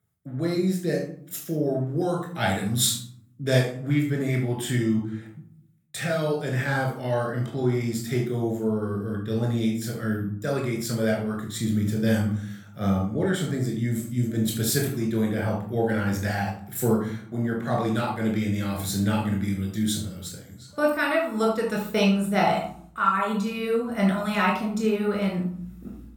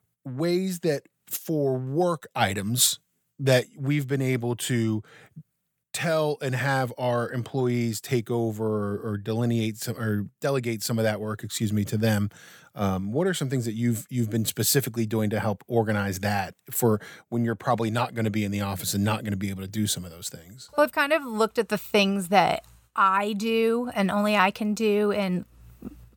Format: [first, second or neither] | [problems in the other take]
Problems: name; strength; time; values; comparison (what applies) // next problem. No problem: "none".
second | off-mic speech; somewhat distant // room echo; noticeable; dies away in 0.5 s